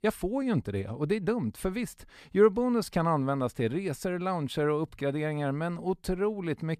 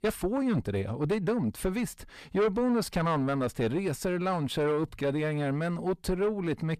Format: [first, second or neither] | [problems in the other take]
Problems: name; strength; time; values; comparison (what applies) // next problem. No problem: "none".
first | distortion; heavy; 7 dB below the speech